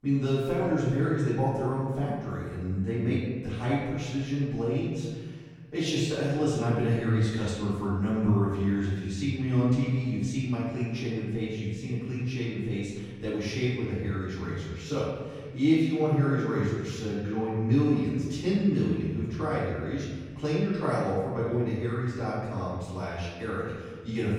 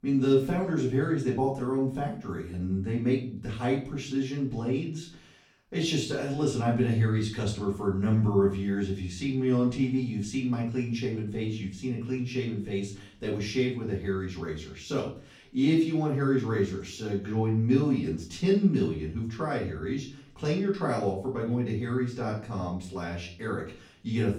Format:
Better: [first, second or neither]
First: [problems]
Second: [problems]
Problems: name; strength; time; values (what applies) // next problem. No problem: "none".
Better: second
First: room echo; strong; dies away in 1.6 s // off-mic speech; far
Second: room echo; slight; dies away in 0.4 s // off-mic speech; far